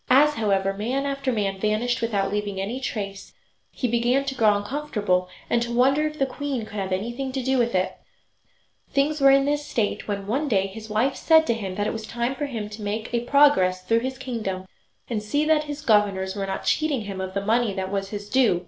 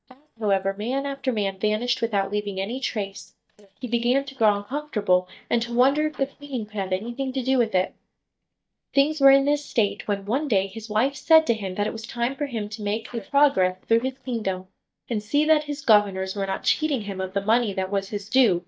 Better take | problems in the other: first | noise reduction (neural mask model DeepFilterNet 3)

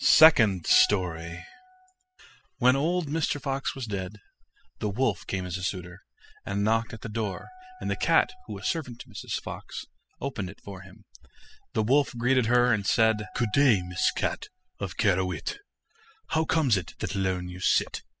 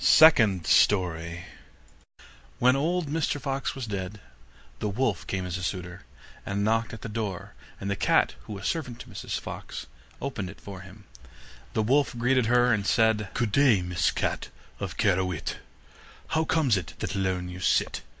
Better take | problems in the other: second | noise reduction (classical method spectral subtraction)

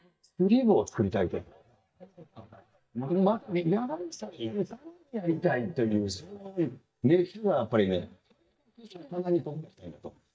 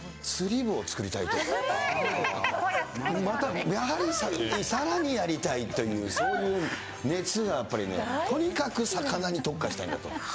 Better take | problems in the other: second | noise reduction (neural mask model DeepFilterNet 3)

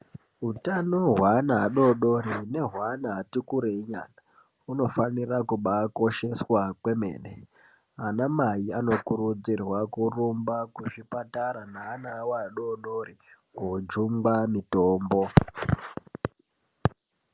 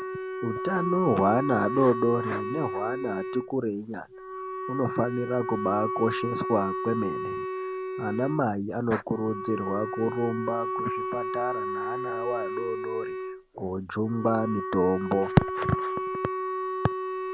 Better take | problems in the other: first | background sound (Wind instrument, woodwind instrument); 4 dB below the speech

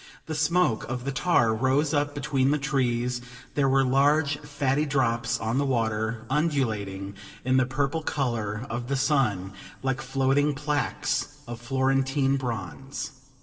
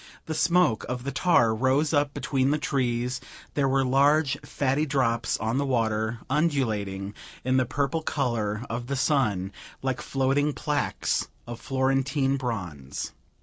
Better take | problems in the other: second | room echo; dies away in 1.7 s

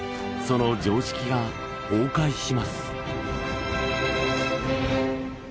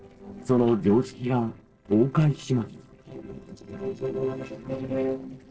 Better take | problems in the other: first | noise reduction (neural separator model SepFormer DNS4)

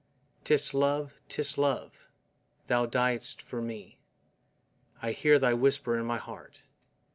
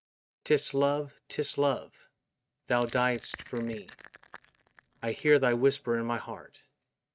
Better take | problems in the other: first | noise reduction (neural mask model RNNoise)

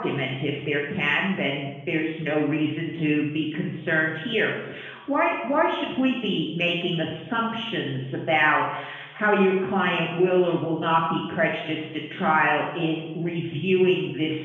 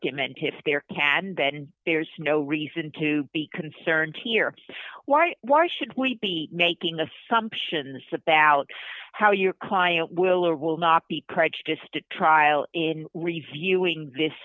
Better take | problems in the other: second | room echo; dies away in 1.1 s

